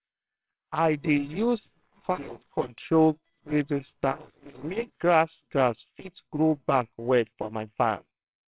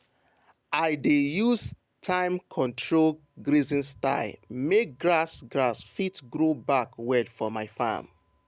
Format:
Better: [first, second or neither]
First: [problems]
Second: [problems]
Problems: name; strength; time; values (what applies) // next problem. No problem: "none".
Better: second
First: noise reduction (neural separator model SepFormer WHAMR!)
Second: none